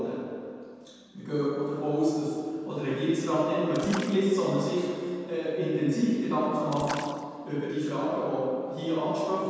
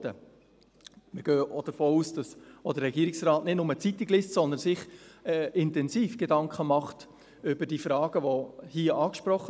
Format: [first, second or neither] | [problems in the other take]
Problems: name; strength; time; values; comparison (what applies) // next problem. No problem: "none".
second | background sound (Splash, splatter); 17 dB below the speech // room echo; dies away in 2.1 s